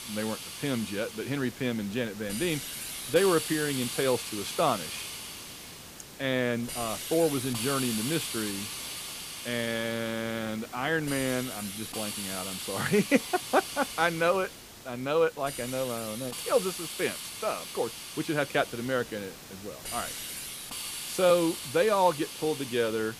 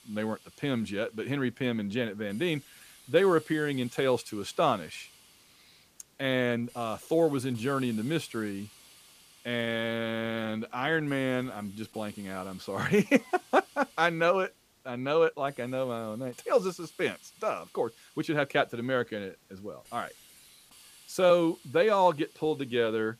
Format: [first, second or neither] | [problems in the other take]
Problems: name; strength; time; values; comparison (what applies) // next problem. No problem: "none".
second | hiss; loud; throughout; 7 dB below the speech; faint in the second